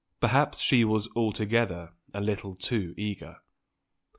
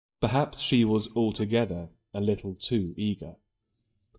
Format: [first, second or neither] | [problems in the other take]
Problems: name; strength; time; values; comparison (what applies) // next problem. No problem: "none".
first | noise reduction (neural mask model DeepFilterNet 3)